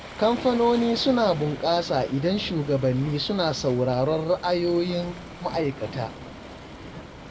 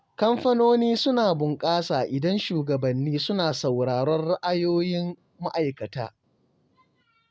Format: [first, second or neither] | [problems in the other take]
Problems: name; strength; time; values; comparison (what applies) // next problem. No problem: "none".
second | background sound (Waves, surf); 14 dB below the speech // room echo; dies away in 0.9 s